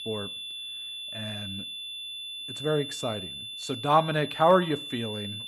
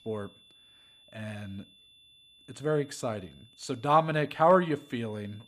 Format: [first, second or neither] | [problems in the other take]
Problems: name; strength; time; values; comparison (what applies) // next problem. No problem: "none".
second | high-pitched whine; loud; throughout; 3.5 kHz, 8 dB below the speech; faint in the second